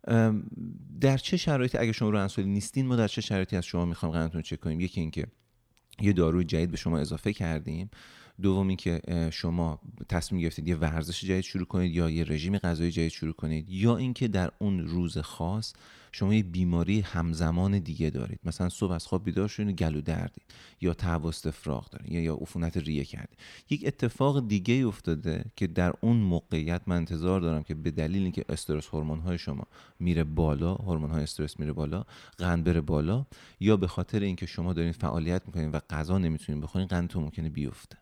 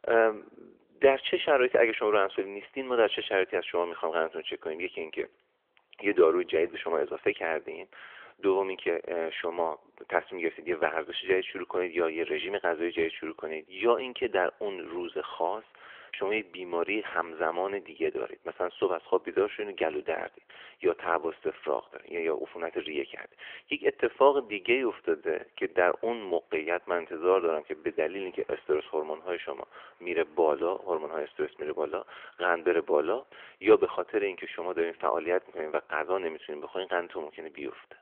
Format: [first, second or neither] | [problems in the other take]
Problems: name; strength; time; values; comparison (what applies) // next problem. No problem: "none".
first | phone-call audio; nothing above 3.5 kHz